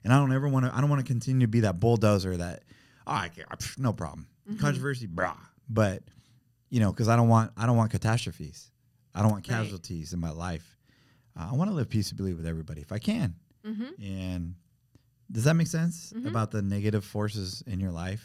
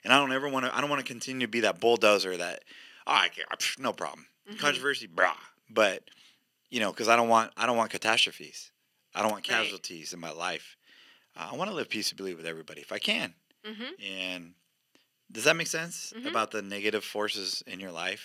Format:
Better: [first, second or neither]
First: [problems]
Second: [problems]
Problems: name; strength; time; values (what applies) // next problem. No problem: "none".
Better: first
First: none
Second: thin; very; fading below 350 Hz